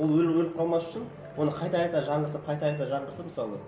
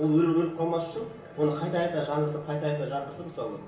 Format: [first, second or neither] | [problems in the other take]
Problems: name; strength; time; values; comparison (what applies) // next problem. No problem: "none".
first | room echo; dies away in 0.8 s